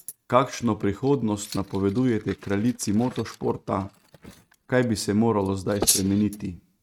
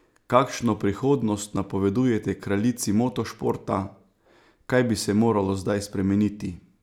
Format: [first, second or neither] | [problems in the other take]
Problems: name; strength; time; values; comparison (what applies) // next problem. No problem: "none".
second | noise reduction (neural mask model RNNoise)